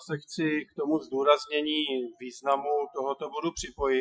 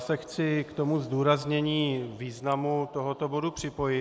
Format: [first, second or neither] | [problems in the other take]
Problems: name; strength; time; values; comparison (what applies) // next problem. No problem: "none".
second | noise reduction (classical method Wiener filter)